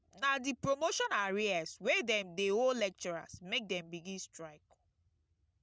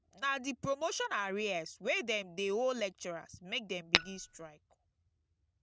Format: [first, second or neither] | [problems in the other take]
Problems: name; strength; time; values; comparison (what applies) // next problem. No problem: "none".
first | background sound (Tap / Glass); 3 dB above the speech